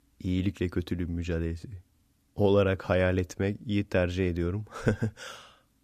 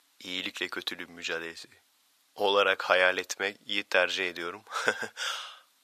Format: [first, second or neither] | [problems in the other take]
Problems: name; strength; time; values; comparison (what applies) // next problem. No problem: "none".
first | thin; very; fading below 950 Hz